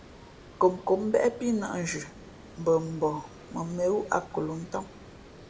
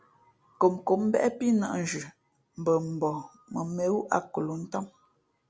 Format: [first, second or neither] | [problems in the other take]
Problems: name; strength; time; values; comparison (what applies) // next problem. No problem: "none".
second | background sound (Water); 19 dB below the speech // room echo; dies away in 1.8 s